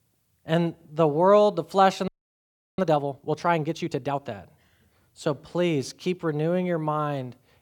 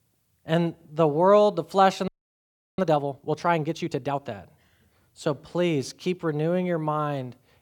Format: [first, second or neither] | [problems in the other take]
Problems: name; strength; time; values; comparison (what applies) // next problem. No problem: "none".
neither | audio freezing; at 2 s for 0.5 s; the same in both